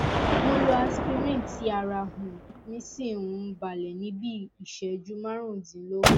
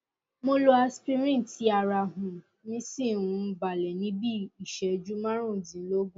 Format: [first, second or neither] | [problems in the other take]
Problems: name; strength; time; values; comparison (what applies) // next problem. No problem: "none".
second | background sound (Gunshot, gunfire); 2 dB above the speech